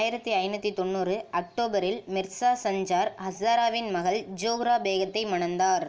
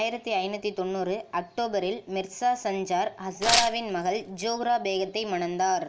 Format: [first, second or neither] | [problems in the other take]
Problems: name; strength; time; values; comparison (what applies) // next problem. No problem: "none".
first | background sound (Tearing); 2 dB below the speech